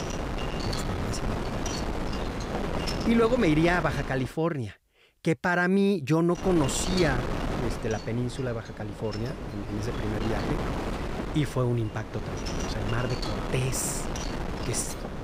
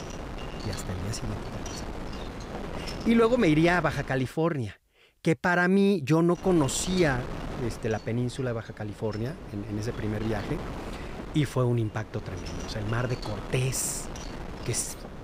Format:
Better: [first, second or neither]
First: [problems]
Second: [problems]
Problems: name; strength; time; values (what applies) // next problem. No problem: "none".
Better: second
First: wind noise on the microphone; heavy; until 4.5 s and from 6.5 s on; 5 dB below the speech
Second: wind noise on the microphone; occasional gusts; until 4.5 s and from 6.5 s on; 10 dB below the speech